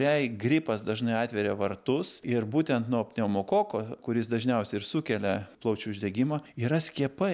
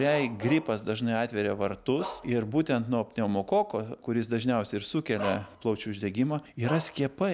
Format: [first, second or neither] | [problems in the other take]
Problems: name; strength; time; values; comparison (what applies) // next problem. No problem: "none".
first | background sound (Bark); 16 dB below the speech